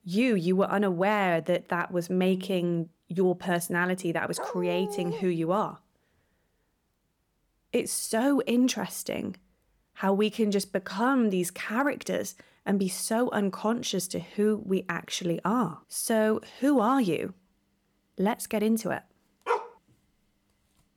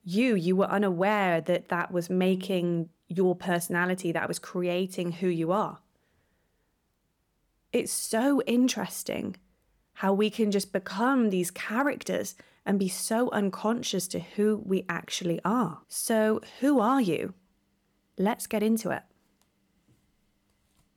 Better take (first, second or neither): second